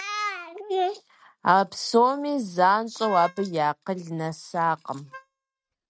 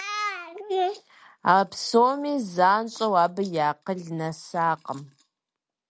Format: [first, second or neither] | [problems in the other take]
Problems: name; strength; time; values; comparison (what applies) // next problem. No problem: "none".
second | noise reduction (neural mask model RNNoise)